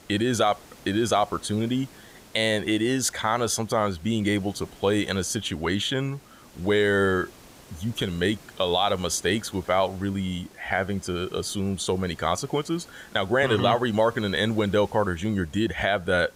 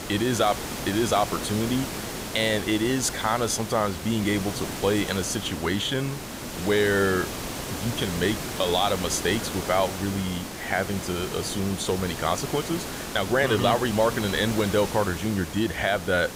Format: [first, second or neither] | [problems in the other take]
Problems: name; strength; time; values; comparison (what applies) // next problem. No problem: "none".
first | hiss; loud; throughout; 7 dB below the speech; faint in the first